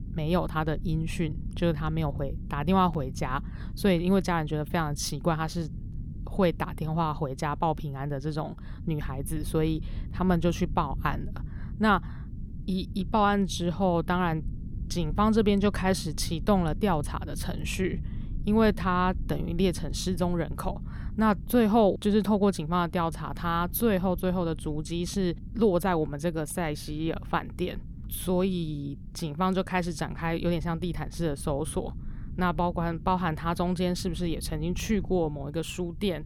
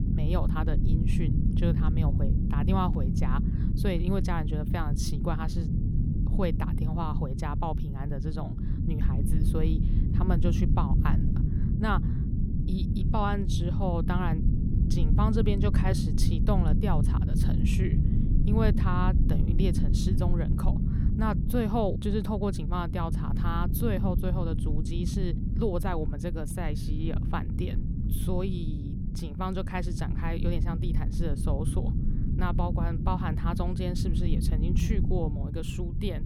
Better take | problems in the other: first | low rumble; loud; throughout; 5 dB below the speech; faint in the first

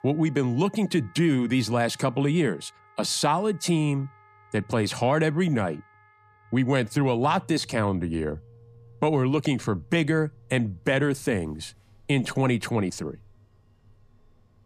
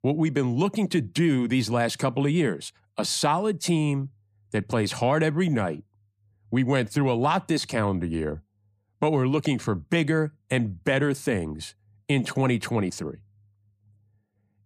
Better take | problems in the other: second | background music; faint; throughout; 30 dB below the speech

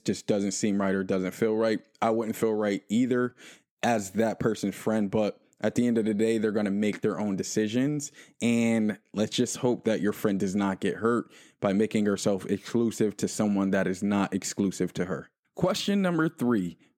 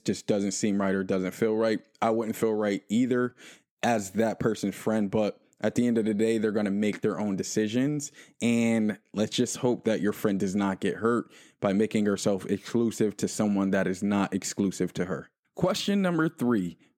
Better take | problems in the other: neither | none

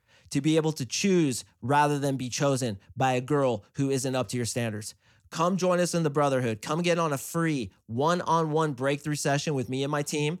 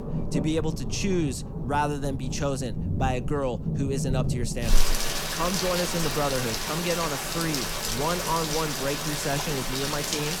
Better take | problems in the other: first | rain or running water; very loud; throughout; as loud as the speech

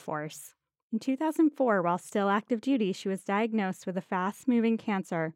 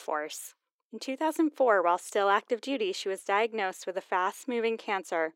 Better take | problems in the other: first | thin; somewhat; fading below 350 Hz

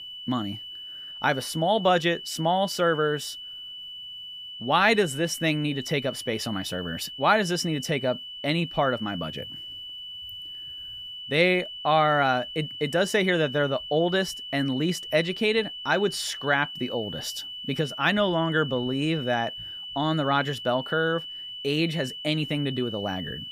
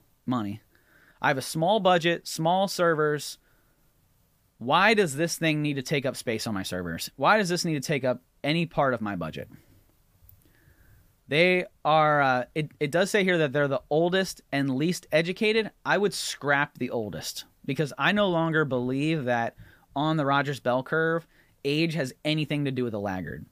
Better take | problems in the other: second | high-pitched whine; loud; throughout; 3 kHz, 10 dB below the speech

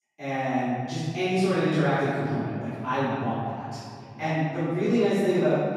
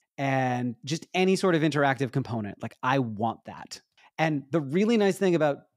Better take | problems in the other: second | off-mic speech; far // room echo; strong; dies away in 2.3 s

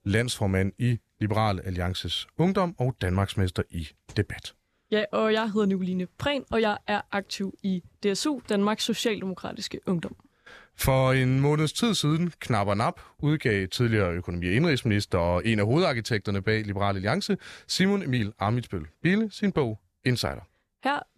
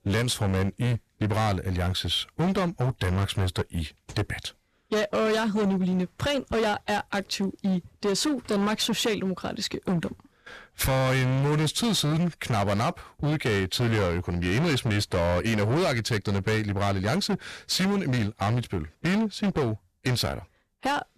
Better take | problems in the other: first | distortion; heavy; 21% of the sound clipped

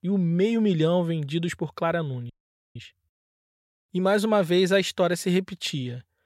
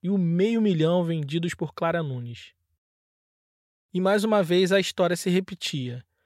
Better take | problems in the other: second | audio freezing; at 2.5 s

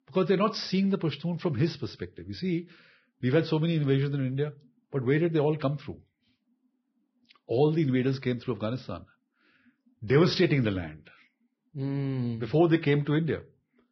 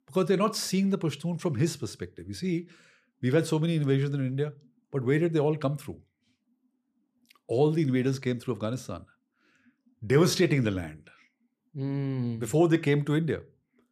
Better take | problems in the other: second | garbled, watery; badly; nothing above 5.5 kHz

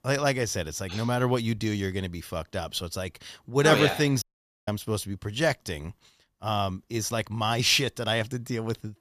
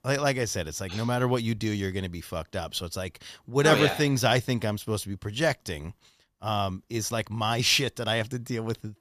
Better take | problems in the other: second | audio cutting out; at 4 s

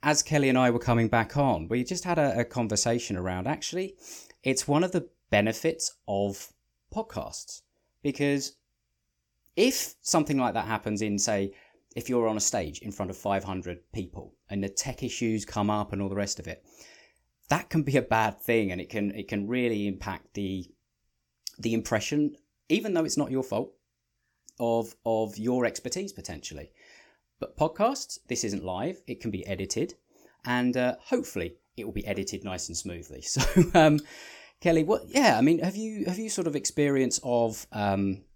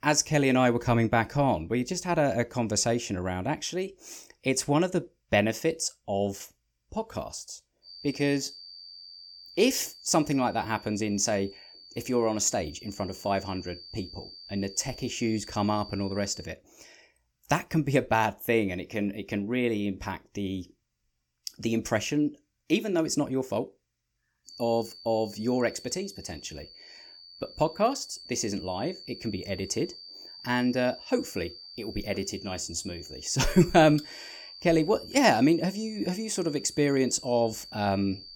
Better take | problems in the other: first | high-pitched whine; noticeable; from 8 to 16 s and from 24 s on; 4.5 kHz, 15 dB below the speech

